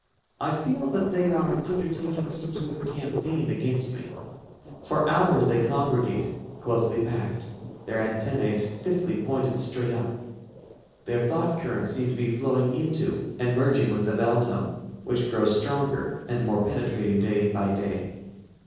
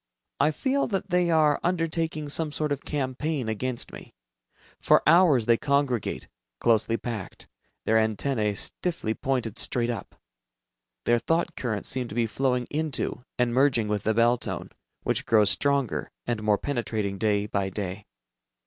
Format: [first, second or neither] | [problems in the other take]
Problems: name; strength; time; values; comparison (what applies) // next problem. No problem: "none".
second | noise reduction (neural separator model SepFormer DNS4)